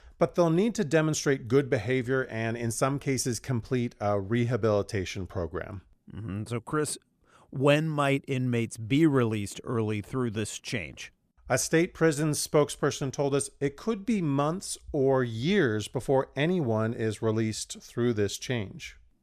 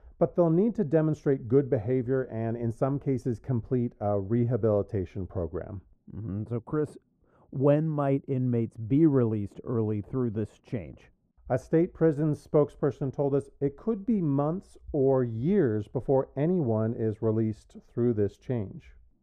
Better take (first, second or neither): first